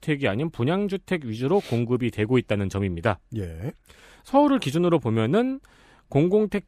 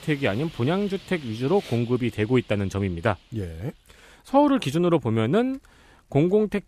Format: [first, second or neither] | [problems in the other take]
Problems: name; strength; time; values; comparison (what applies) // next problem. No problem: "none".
first | traffic noise; faint; throughout; 25 dB below the speech